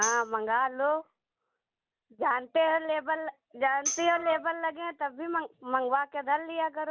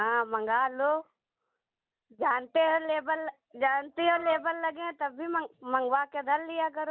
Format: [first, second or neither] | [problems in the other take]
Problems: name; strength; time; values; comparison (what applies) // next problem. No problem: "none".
second | background sound (Tambourine); 9 dB below the speech